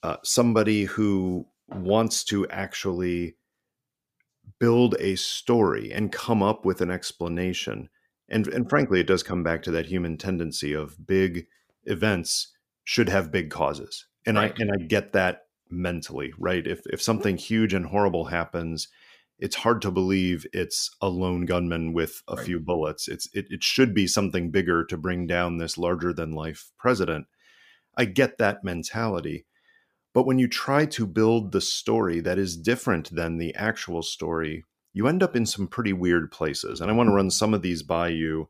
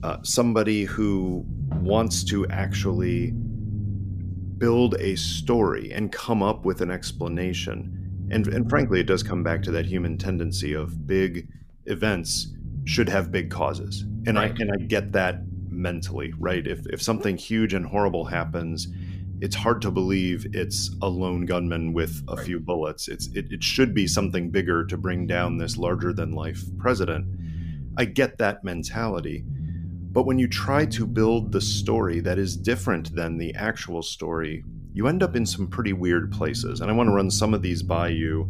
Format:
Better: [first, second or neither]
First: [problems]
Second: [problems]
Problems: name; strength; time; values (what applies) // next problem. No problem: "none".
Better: first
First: none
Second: low rumble; noticeable; throughout; 15 dB below the speech